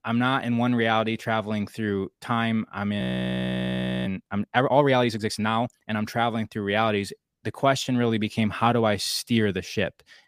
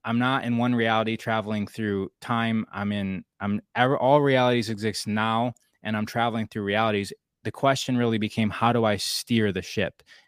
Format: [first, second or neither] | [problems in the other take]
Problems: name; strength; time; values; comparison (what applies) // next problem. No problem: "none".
second | audio freezing; at 3 s for 1 s